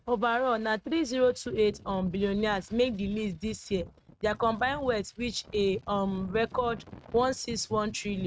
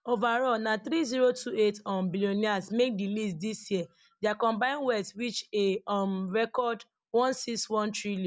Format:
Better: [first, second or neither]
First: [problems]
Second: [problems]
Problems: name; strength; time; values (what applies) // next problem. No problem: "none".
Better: second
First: noise reduction (neural mask model RNNoise)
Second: none